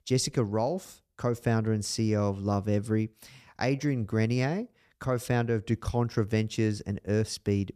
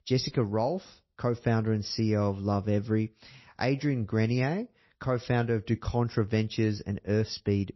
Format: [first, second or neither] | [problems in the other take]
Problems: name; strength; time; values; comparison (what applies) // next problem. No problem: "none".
first | garbled, watery; slightly; nothing above 5.5 kHz